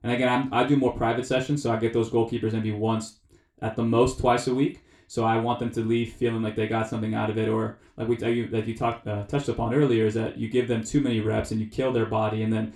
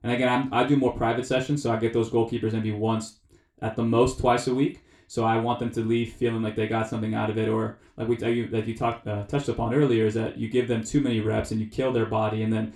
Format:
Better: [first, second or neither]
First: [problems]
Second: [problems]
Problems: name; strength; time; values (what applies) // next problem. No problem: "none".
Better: neither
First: room echo; very slight; dies away in 0.3 s // off-mic speech; somewhat distant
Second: room echo; very slight; dies away in 0.3 s // off-mic speech; somewhat distant